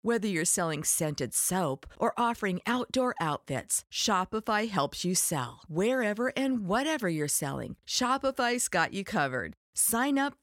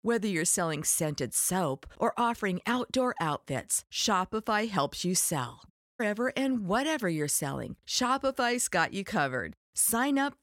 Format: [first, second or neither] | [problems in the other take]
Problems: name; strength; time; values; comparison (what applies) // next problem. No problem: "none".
first | audio cutting out; at 5.5 s